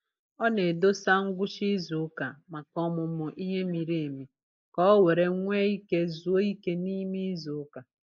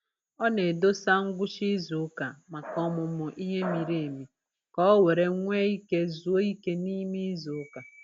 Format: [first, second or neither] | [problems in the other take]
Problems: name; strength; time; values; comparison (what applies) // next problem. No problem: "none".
second | noise reduction (neural mask model Resemble Enhance denoiser)